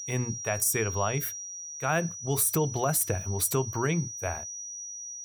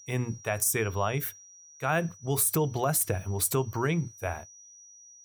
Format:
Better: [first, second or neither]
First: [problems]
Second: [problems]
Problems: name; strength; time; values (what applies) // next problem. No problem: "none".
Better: second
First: high-pitched whine; loud; throughout; 5.5 kHz, 8 dB below the speech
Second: high-pitched whine; faint; throughout; 5.5 kHz, 20 dB below the speech